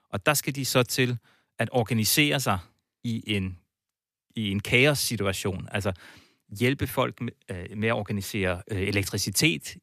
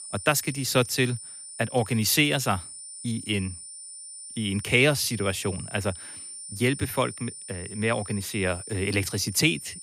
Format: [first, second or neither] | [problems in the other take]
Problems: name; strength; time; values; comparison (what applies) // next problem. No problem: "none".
first | high-pitched whine; noticeable; throughout; 9 kHz, 10 dB below the speech